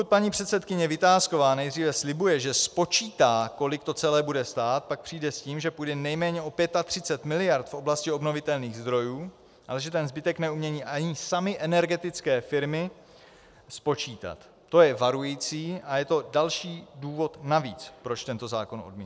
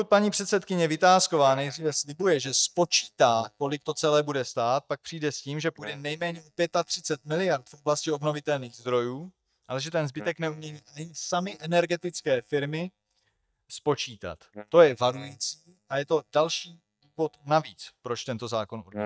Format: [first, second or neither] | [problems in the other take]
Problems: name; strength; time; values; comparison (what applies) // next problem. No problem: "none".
first | noise reduction (neural mask model DeepFilterNet 3)